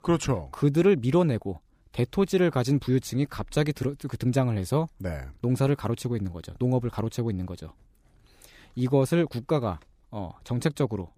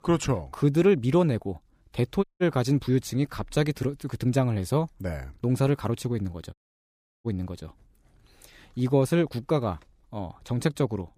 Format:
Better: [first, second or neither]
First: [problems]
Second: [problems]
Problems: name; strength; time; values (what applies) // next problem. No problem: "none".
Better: first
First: none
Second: audio cutting out; at 2 s and at 6.5 s for 0.5 s